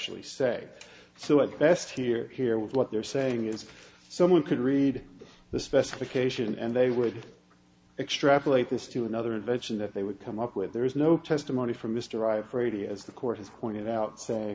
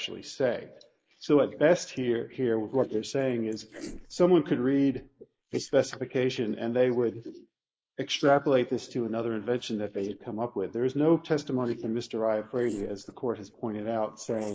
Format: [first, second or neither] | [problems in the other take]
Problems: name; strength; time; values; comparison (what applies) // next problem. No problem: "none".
first | noise reduction (neural mask model Resemble Enhance denoiser)